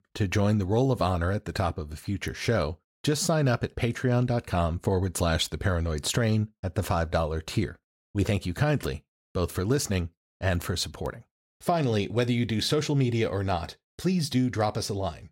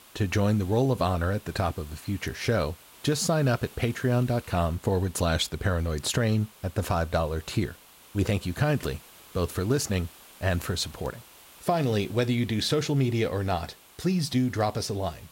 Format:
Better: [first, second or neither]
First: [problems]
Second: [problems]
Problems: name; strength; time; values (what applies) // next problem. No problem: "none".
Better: first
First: none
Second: hiss; faint; throughout; 20 dB below the speech